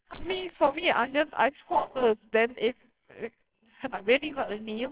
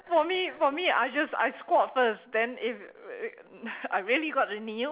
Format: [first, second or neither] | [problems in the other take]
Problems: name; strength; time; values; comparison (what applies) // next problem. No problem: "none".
second | noise reduction (neural separator model SepFormer WHAMR!)